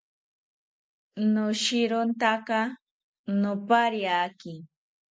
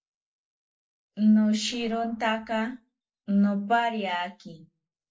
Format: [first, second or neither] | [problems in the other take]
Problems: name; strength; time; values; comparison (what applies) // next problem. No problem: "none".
first | noise reduction (neural separator model SepFormer DNS4)